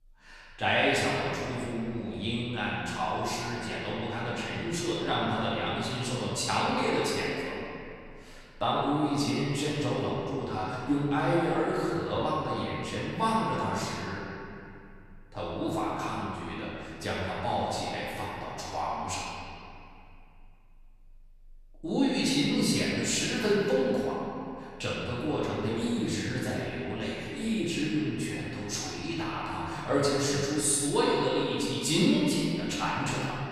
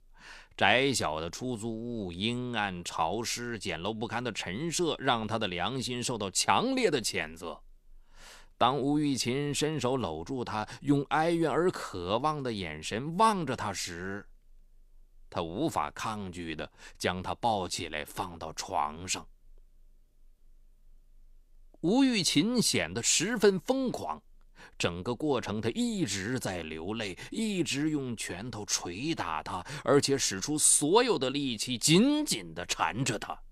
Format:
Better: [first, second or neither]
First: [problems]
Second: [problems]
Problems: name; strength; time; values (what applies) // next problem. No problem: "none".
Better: second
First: room echo; strong; dies away in 2.5 s // off-mic speech; far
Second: none